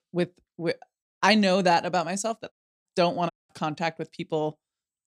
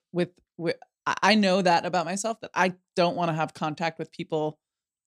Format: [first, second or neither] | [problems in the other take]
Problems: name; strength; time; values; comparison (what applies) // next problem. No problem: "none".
second | audio cutting out; at 1 s, at 2.5 s and at 3.5 s